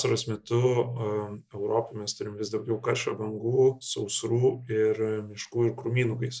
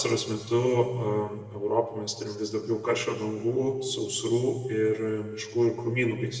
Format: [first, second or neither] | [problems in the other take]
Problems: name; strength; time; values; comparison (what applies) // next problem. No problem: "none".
first | room echo; dies away in 1.4 s